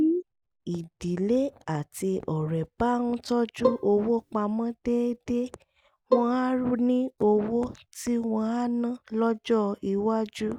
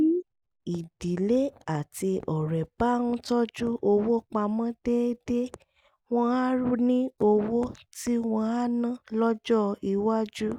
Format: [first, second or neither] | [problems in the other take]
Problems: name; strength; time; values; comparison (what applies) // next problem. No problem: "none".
second | background sound (Bowed string instrument); 3 dB below the speech